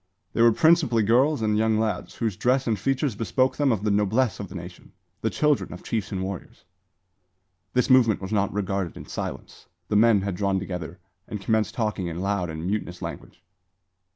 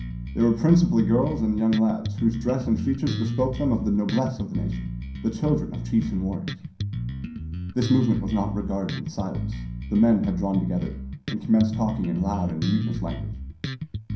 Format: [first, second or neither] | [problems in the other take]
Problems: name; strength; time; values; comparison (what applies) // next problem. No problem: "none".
first | background sound (Bass guitar); 6 dB below the speech // room echo; dies away in 0.6 s